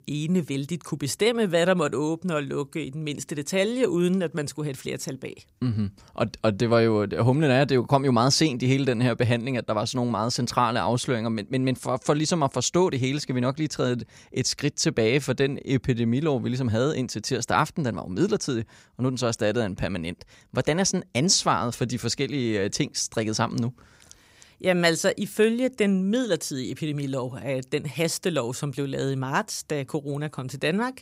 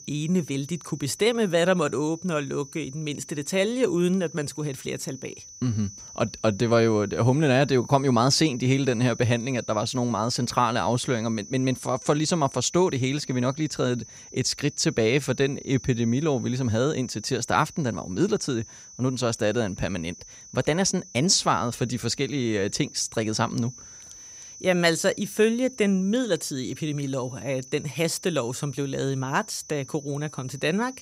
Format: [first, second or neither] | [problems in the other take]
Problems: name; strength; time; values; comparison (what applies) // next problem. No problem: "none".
first | high-pitched whine; noticeable; throughout; 6 kHz, 15 dB below the speech